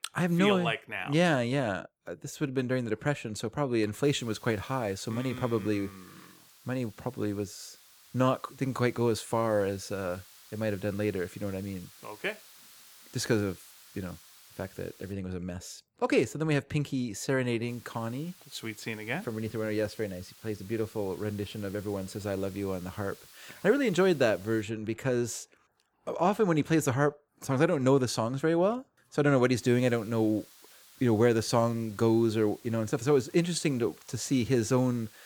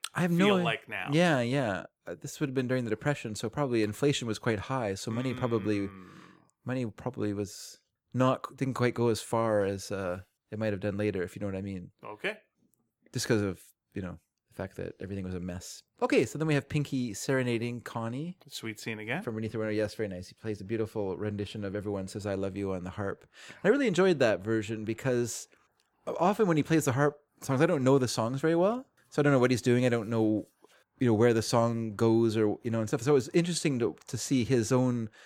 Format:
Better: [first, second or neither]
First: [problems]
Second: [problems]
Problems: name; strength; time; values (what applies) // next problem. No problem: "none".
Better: second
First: hiss; faint; from 4 to 15 s, from 18 to 25 s and from 30 s on; 25 dB below the speech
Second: none